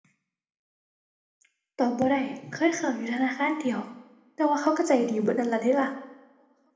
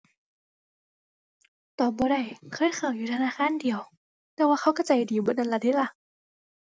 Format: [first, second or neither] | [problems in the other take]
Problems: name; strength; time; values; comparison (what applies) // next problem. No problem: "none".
second | room echo; dies away in 0.8 s